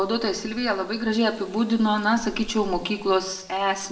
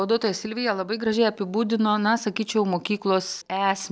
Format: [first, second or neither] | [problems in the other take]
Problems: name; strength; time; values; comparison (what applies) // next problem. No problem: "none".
second | background sound (Water tap, faucet); 18 dB below the speech // room echo; dies away in 0.7 s